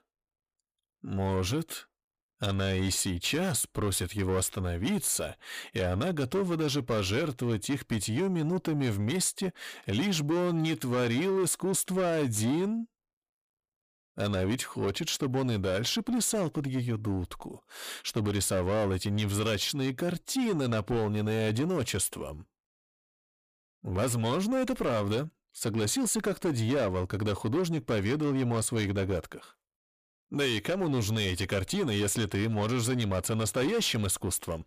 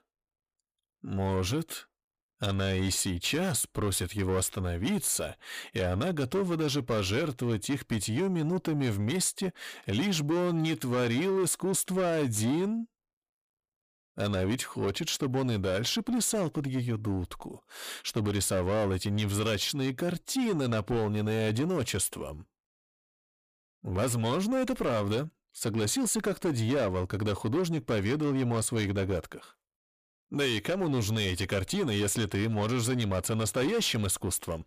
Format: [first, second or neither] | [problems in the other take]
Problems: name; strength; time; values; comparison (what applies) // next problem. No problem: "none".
neither | distortion; slight; 10 dB below the speech; the same in both